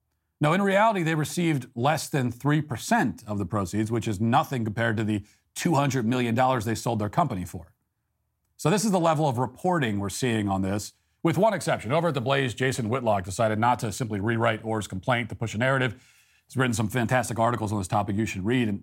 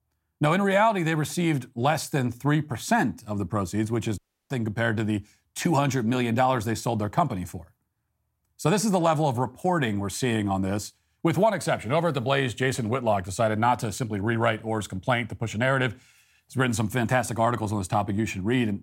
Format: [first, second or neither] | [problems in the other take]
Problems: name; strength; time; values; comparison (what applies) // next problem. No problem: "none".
first | audio cutting out; at 4 s